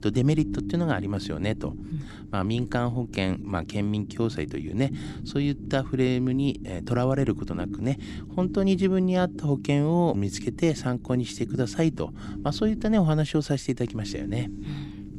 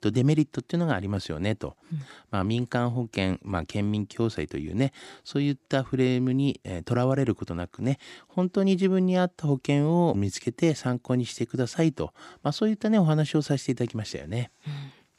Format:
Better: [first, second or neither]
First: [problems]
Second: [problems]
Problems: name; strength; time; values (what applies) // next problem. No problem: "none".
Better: second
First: low rumble; noticeable; throughout; 15 dB below the speech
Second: none